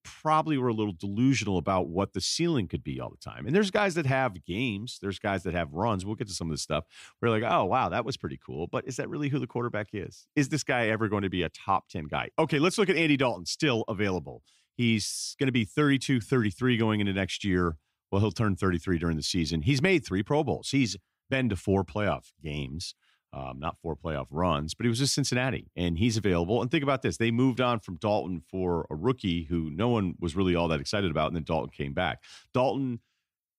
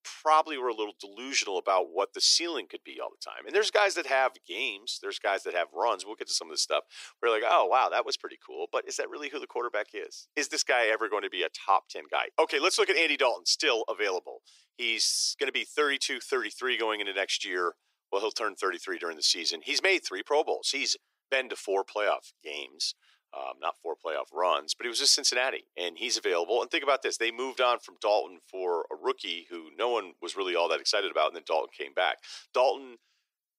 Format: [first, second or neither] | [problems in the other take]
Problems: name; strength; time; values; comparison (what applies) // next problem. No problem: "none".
first | thin; very; fading below 400 Hz